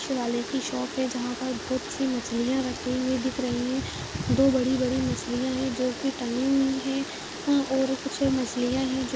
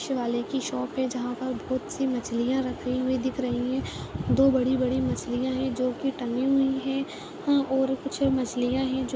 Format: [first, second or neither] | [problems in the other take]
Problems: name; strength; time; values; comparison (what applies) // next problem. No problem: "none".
second | background sound (Rain); 13 dB below the speech